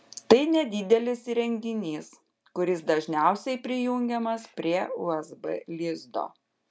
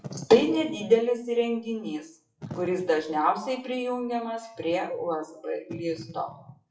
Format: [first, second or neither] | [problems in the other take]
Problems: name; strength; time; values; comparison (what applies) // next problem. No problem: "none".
first | noise reduction (classical method WPE with log-MMSE)